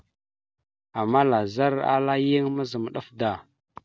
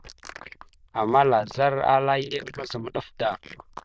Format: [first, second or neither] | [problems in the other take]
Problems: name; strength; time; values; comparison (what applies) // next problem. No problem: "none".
first | noise reduction (neural diffusion model UNIVERSE++)